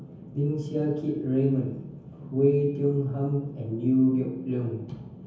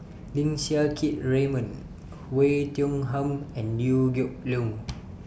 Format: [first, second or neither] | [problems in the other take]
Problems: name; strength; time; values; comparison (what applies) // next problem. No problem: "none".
second | room echo; dies away in 0.7 s